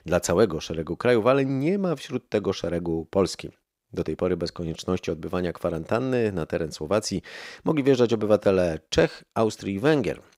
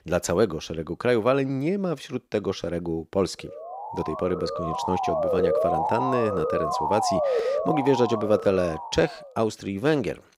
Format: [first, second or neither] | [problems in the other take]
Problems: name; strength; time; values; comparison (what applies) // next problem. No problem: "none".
first | siren; loud; from 3.5 to 9 s; peak 3 dB above the speech